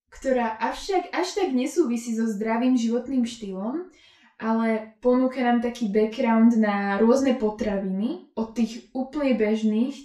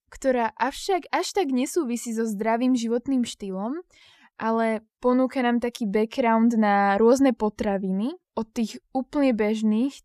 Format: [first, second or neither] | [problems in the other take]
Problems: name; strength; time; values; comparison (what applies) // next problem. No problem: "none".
second | room echo; slight; dies away in 0.3 s // off-mic speech; far